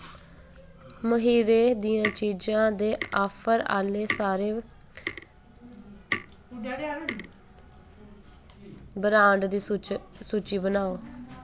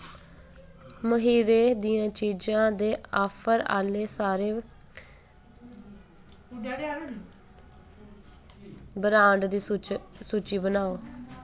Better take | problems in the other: second | background sound (Tick); 11 dB below the speech

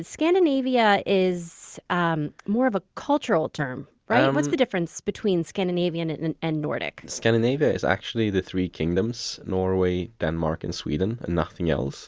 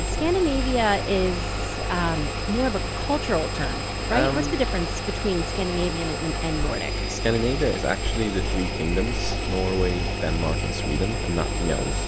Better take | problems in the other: first | background sound (Engine); as loud as the speech

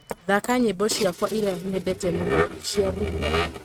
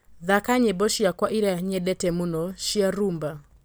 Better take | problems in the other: second | noise reduction (neural mask model RNNoise)

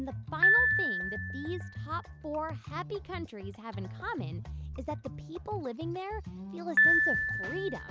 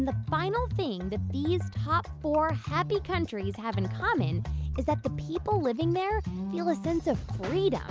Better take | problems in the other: second | background sound (Piano); 5 dB above the speech

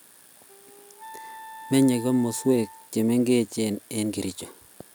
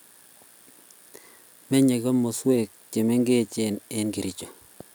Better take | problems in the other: second | background sound (Wind instrument, woodwind instrument); 19 dB below the speech

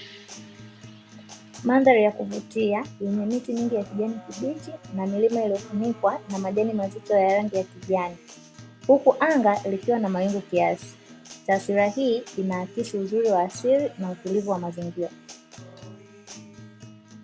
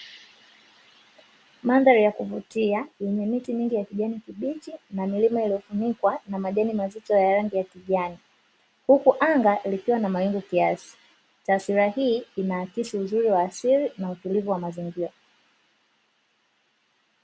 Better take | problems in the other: second | background sound (Acoustic guitar); 20 dB below the speech

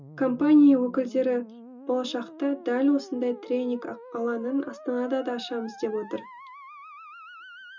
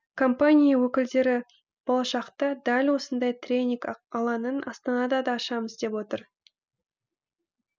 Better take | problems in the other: second | background sound (Musical instrument); 18 dB below the speech // room echo; dies away in 0.2 s

